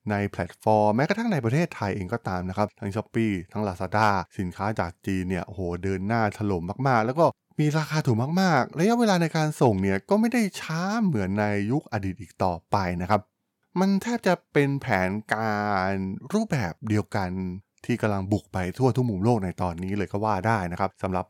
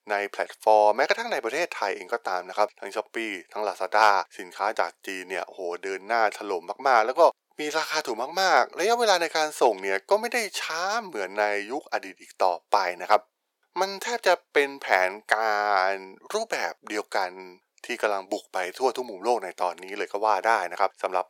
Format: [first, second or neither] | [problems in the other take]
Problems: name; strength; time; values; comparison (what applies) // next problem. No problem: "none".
first | thin; very; fading below 450 Hz